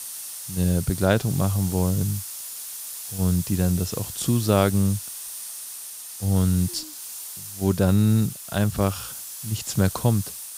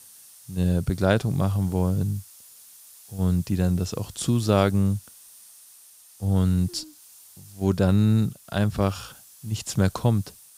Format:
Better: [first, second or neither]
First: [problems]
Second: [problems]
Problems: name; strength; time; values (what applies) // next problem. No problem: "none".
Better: second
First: hiss; loud; throughout; 9 dB below the speech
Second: hiss; faint; throughout; 20 dB below the speech